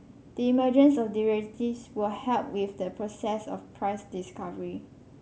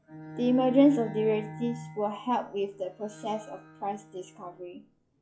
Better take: first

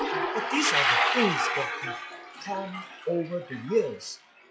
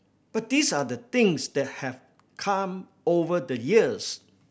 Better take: second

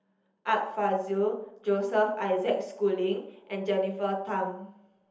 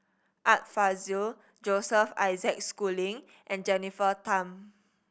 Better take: second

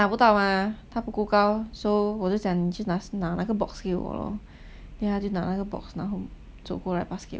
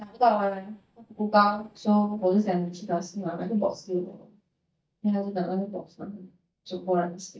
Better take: first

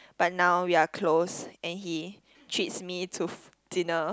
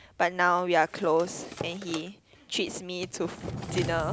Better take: first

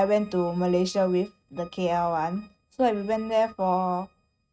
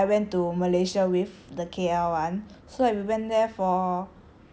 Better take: second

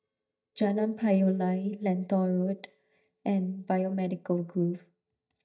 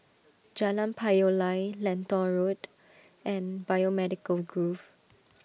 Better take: second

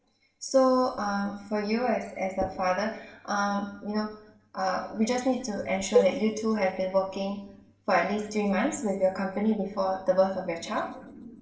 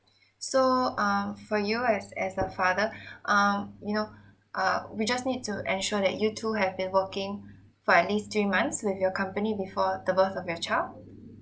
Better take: second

